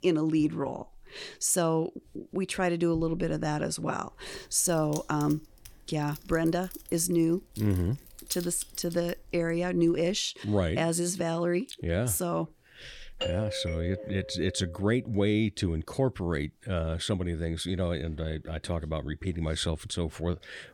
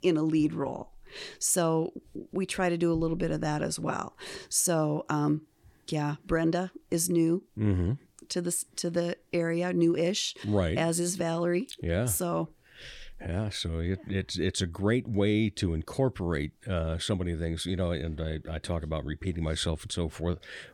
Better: second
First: jangling keys; noticeable; from 4.5 to 10 s; peak 7 dB below the speech // doorbell; noticeable; from 13 to 15 s; peak 4 dB below the speech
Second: none

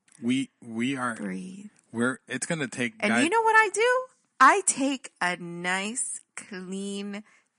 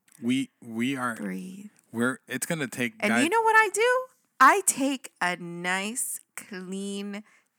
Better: second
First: garbled, watery; slightly; nothing above 10.5 kHz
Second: none

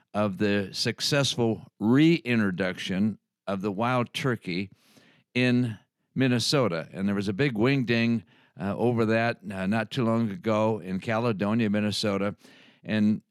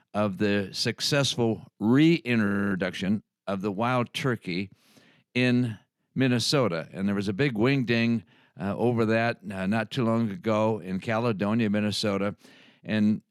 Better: first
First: none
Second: audio freezing; at 2.5 s

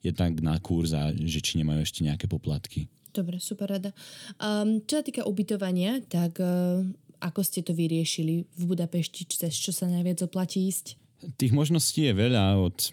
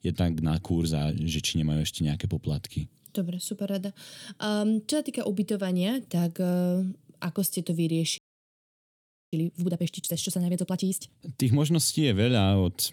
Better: first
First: none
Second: audio freezing; at 8 s for 1 s

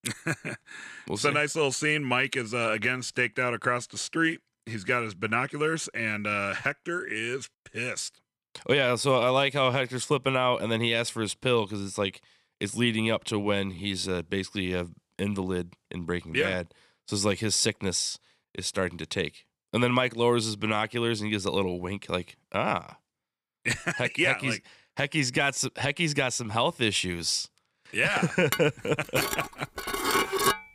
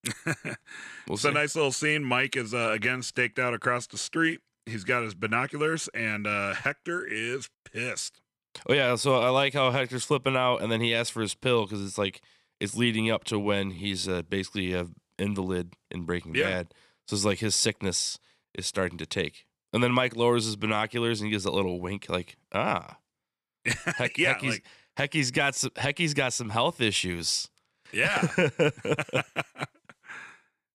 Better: second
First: clattering dishes; loud; from 29 s on; peak 3 dB above the speech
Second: none

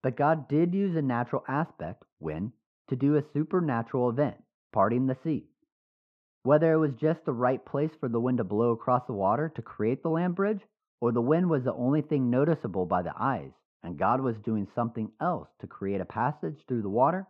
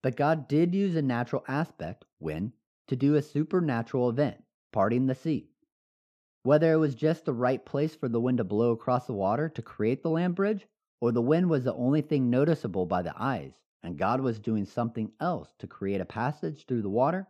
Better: second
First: muffled; slightly; fading above 4 kHz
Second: none

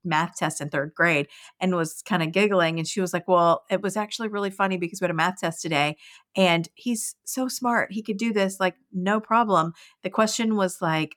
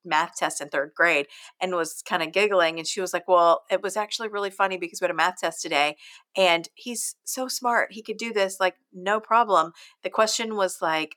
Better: first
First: none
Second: thin; somewhat; fading below 450 Hz

